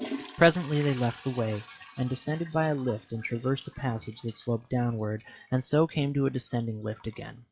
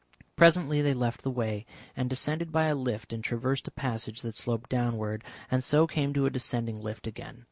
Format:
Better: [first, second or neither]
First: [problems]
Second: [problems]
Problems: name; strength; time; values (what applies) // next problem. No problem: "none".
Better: second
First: noise reduction (classical method log-MMSE)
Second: none